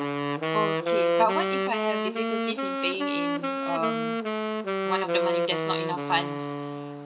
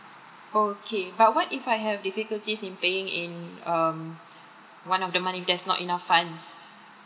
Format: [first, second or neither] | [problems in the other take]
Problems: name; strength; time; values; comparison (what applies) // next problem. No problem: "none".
second | background sound (Wind instrument, woodwind instrument); 4 dB above the speech